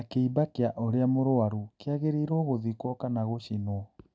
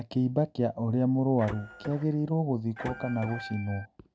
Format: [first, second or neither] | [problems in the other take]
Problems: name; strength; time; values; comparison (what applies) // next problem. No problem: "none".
first | background sound (Printer + Organ); 13 dB below the speech